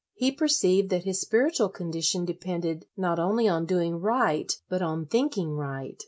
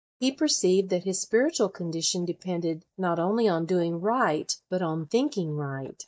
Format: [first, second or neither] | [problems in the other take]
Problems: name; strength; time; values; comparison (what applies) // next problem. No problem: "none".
first | noise reduction (neural mask model DeepFilterNet 3)